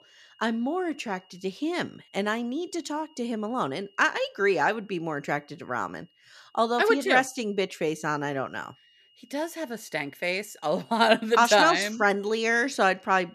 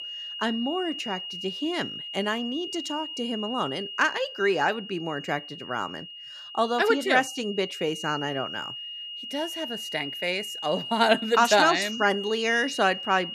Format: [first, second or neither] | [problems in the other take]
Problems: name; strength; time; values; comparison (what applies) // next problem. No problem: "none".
first | high-pitched whine; loud; throughout; 3 kHz, 8 dB below the speech; faint in the first